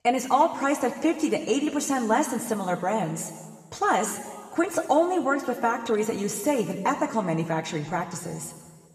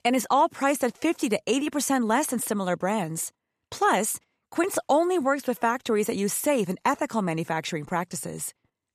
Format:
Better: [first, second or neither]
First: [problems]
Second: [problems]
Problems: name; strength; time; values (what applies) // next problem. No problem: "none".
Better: second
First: room echo; slight; dies away in 1.6 s // off-mic speech; somewhat distant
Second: none